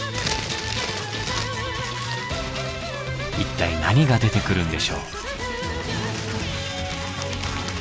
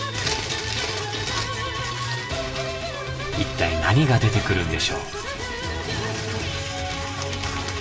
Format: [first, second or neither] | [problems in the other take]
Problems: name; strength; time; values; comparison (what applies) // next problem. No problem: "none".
first | room echo; dies away in 1.4 s